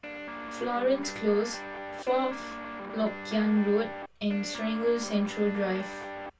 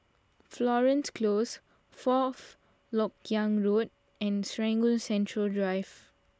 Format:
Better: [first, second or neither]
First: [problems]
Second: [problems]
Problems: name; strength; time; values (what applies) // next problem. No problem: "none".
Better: second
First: background sound (Guitar); 9 dB below the speech // room echo; dies away in 0.2 s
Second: none